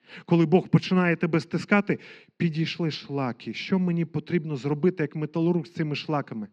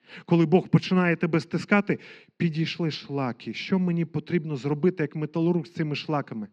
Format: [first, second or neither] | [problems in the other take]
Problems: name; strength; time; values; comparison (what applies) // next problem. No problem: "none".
neither | muffled; very slightly; fading above 3 kHz; the same in both